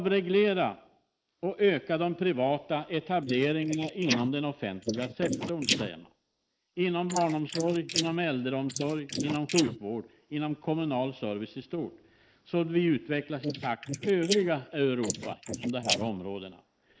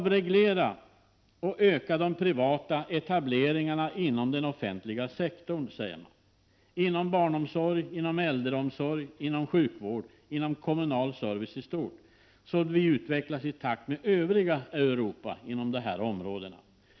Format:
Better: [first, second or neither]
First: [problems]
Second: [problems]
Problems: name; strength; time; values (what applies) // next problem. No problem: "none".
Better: second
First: noise reduction (neural mask model Resemble Enhance denoiser)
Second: none